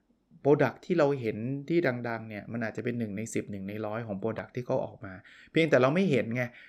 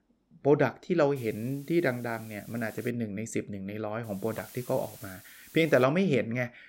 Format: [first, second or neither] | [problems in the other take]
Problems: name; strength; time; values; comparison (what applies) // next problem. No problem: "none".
first | hiss; faint; from 1 to 3 s and from 4 to 6 s; 20 dB below the speech